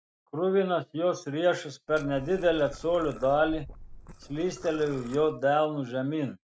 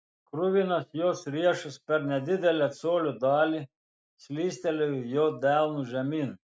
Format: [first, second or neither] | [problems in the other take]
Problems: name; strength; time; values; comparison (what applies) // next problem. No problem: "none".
second | background sound (Liquid); 16 dB below the speech